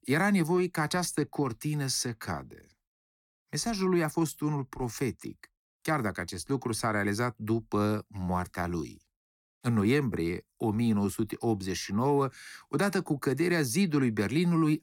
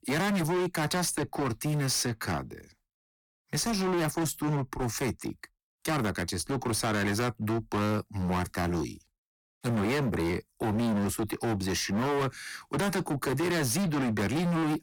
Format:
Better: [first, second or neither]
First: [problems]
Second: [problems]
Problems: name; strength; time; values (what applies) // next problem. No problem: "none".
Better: first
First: none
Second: distortion; heavy; 27% of the sound clipped